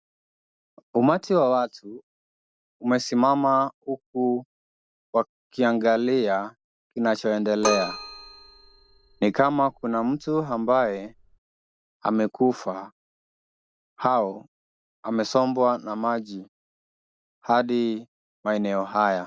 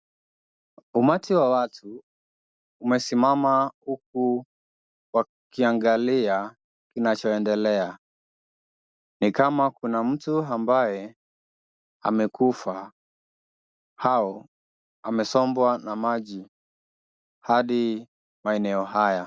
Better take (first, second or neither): second